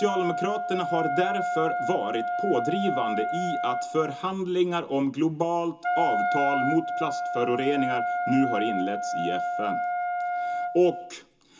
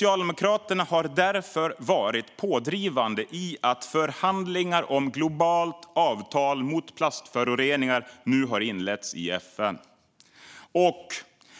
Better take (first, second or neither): second